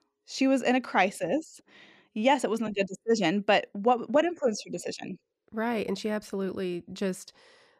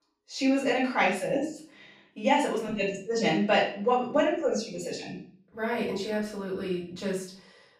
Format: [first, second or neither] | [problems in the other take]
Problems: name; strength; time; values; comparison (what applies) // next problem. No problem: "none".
first | off-mic speech; far // room echo; noticeable; dies away in 0.4 s